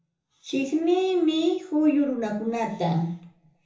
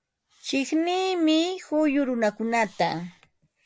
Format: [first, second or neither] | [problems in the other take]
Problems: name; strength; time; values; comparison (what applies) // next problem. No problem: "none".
second | room echo; dies away in 0.6 s